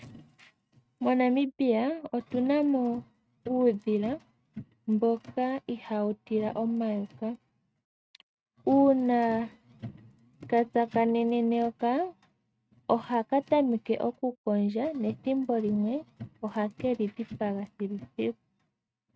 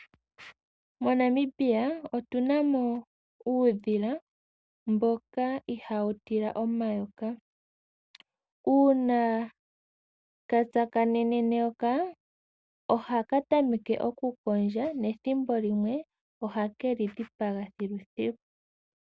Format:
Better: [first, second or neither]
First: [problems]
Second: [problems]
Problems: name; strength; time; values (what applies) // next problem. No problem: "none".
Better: second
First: noise reduction (neural mask model RNNoise)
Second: none